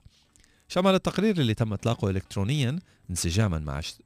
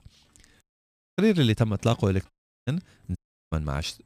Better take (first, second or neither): first